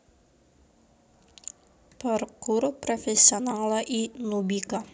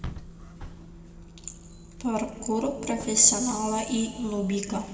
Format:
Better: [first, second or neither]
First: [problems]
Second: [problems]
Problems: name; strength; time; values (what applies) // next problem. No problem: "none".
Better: first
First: none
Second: background sound (Bus / Engine); 15 dB below the speech // room echo; dies away in 2 s